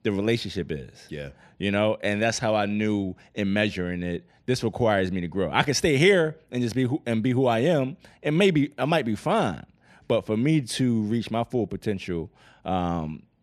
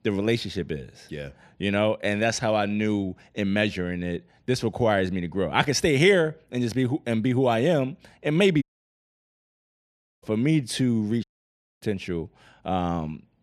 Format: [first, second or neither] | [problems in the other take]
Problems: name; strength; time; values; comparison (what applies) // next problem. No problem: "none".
first | audio cutting out; at 8.5 s for 1.5 s and at 11 s for 0.5 s